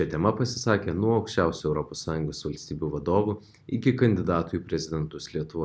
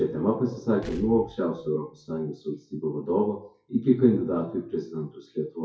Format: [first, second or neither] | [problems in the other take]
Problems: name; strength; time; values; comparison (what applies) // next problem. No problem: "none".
first | noise reduction (classical method WPE with log-MMSE)